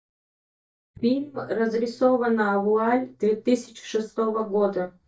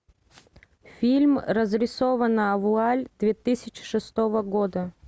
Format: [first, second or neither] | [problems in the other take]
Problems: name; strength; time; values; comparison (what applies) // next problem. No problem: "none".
second | noise reduction (neural mask model DeepFilterNet 3)